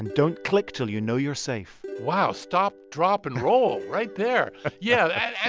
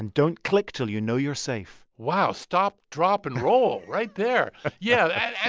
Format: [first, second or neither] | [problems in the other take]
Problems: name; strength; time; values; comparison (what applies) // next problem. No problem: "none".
second | background sound (Plucked string instrument); 17 dB below the speech